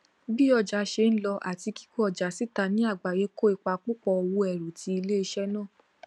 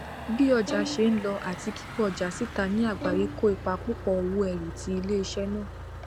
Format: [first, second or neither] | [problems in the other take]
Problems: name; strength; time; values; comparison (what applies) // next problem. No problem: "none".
first | background sound (Motor vehicle (road) + Bowed string instrument); 9 dB below the speech